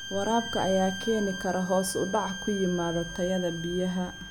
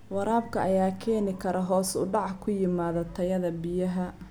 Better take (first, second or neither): second